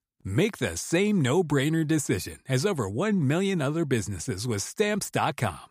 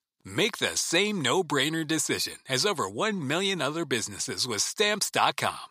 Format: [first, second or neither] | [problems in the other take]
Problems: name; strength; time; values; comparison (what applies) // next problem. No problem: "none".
first | thin; somewhat; fading below 1 kHz